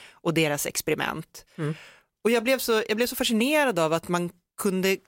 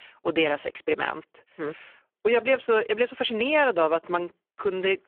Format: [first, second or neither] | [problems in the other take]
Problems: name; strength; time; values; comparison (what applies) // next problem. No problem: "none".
first | phone-call audio; poor line; nothing above 3 kHz